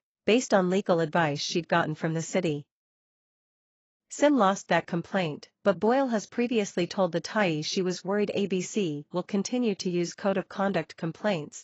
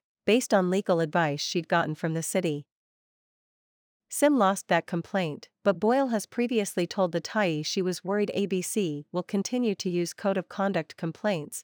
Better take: second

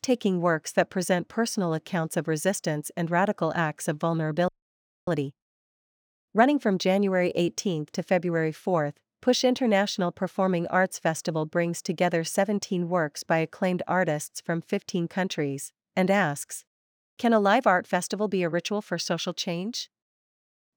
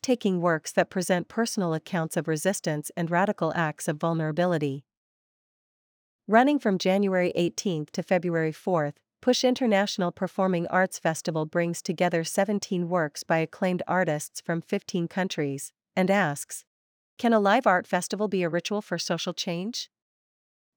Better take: second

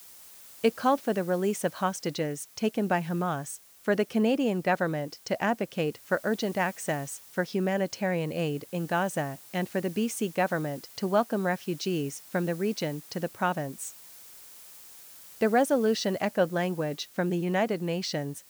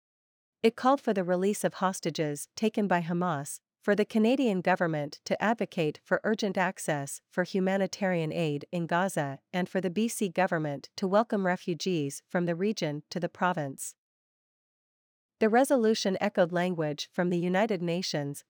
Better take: second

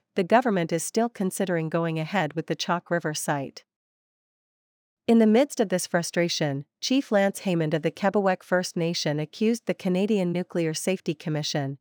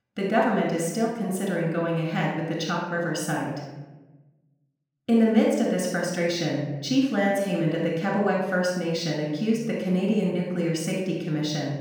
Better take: first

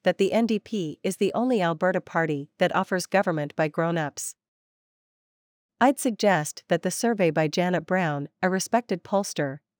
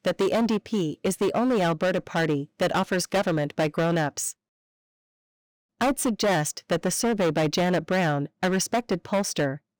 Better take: first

